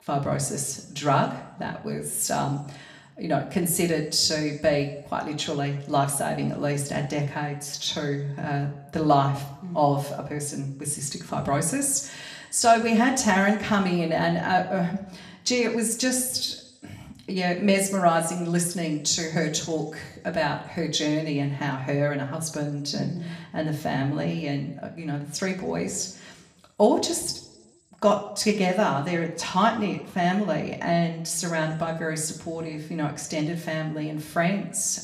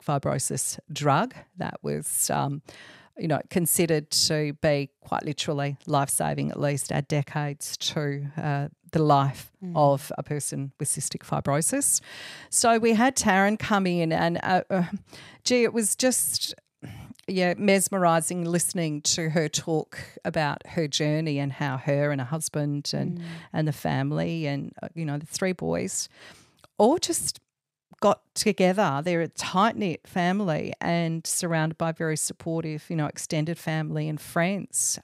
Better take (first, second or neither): second